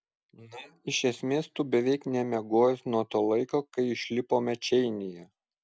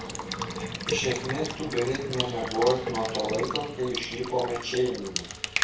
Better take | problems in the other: first | background sound (Water tap, faucet / Water / Liquid); 4 dB below the speech // room echo; dies away in 0.3 s

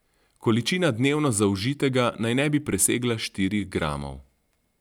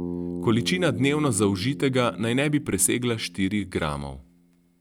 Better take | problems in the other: first | background sound (Bass guitar); 11 dB below the speech

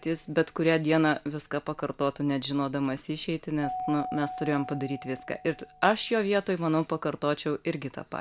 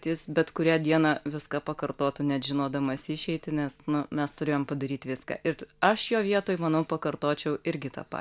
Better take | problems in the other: second | background sound (Keyboard (musical)); 15 dB below the speech

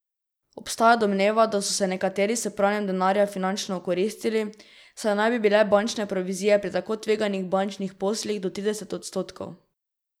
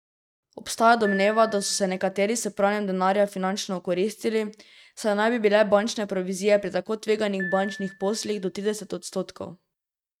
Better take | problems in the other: first | noise reduction (neural mask model RNNoise)

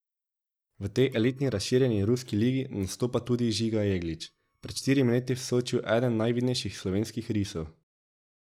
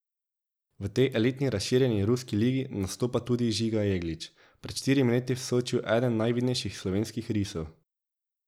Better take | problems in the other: second | noise reduction (neural mask model DeepFilterNet 3)

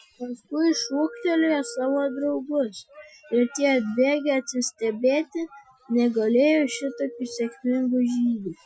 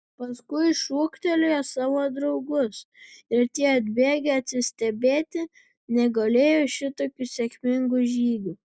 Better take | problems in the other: second | noise reduction (classical method Wiener filter)

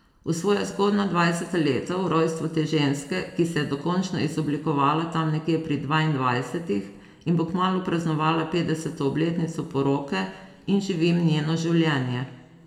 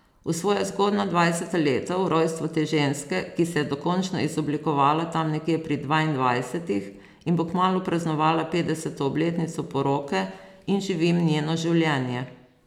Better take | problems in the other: second | room echo; dies away in 1.3 s

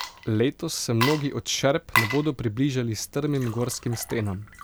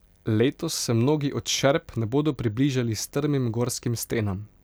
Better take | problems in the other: second | background sound (Water / Liquid); 8 dB below the speech

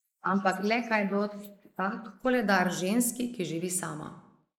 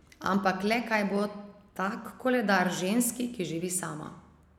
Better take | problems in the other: second | noise reduction (neural mask model Resemble Enhance denoiser)

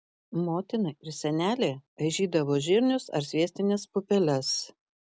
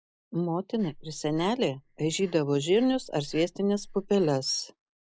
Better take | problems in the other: first | noise reduction (neural mask model Resemble Enhance denoiser)

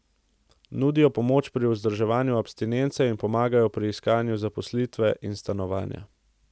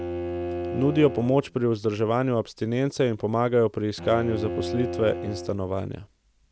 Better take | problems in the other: first | background sound (Bowed string instrument); 9 dB below the speech

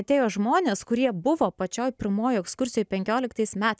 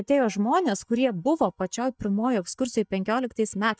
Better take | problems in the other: first | noise reduction (neural mask model DeepFilterNet 3)

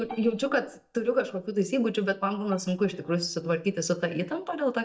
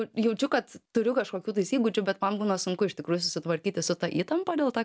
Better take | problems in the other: second | noise reduction (neural mask model DeepFilterNet 3)

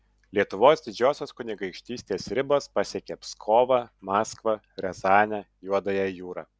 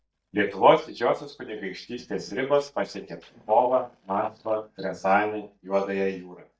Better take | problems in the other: first | noise reduction (neural mask model DeepFilterNet 3)

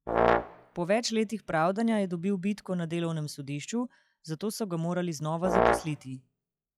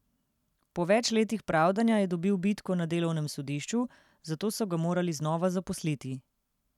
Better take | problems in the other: second | noise reduction (classical method log-MMSE)

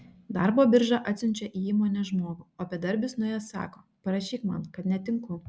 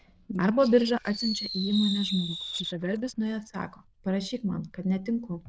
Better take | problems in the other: first | noise reduction (neural diffusion model UNIVERSE++)

